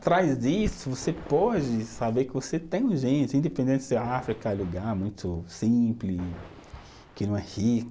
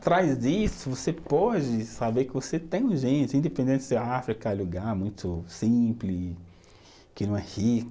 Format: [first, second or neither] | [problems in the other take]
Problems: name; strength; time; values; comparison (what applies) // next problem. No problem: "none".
second | background sound (Thunder); 19 dB below the speech